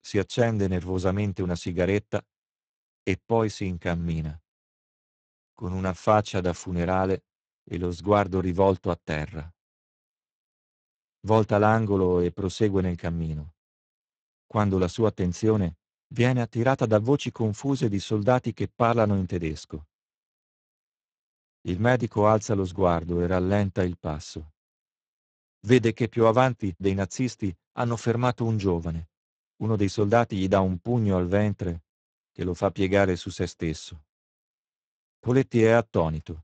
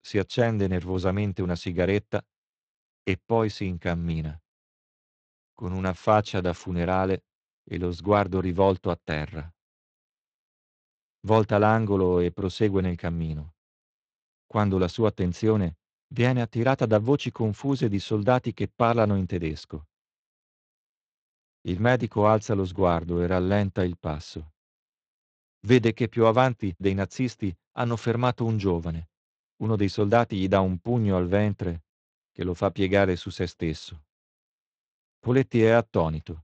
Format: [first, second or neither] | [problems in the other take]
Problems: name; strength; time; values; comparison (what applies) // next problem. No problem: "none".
second | garbled, watery; badly; nothing above 7.5 kHz; slightly in the second